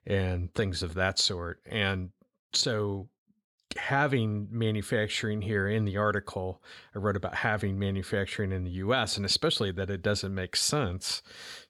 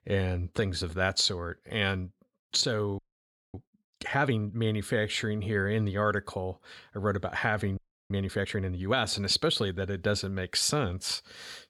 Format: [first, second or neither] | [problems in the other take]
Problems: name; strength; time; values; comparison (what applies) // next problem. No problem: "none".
first | audio freezing; at 3 s for 0.5 s and at 8 s